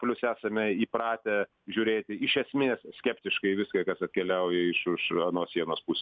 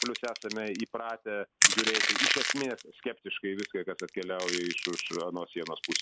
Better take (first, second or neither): first